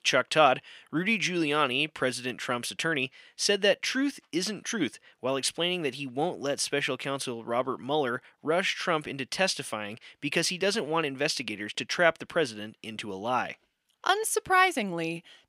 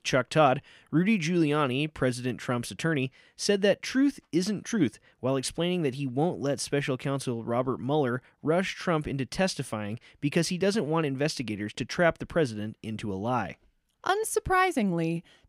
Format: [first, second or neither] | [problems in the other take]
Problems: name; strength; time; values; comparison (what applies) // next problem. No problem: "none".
second | thin; very slightly; fading below 1 kHz